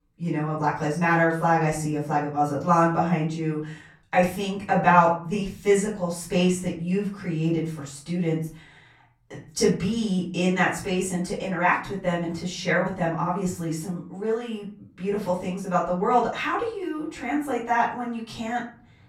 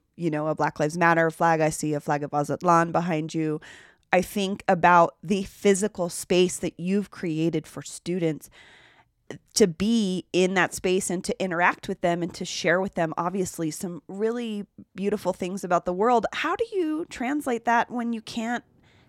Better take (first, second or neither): second